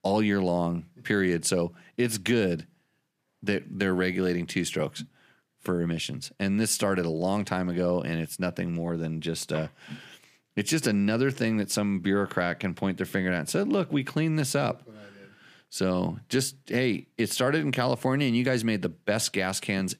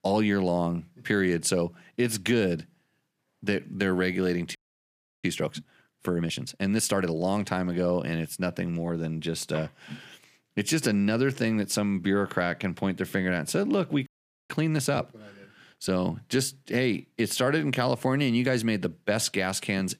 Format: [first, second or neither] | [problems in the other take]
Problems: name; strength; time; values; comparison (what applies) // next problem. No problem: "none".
first | audio freezing; at 4.5 s for 0.5 s and at 14 s